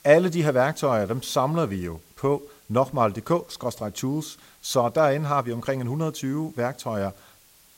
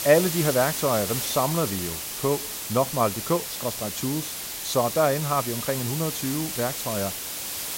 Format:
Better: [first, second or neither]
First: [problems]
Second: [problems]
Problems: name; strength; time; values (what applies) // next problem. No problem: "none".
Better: first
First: hiss; faint; throughout; 30 dB below the speech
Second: hiss; loud; throughout; 3 dB below the speech